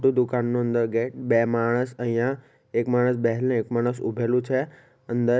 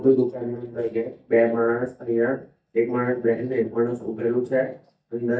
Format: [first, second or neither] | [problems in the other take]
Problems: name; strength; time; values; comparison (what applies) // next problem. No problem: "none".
first | noise reduction (neural mask model DeepFilterNet 3)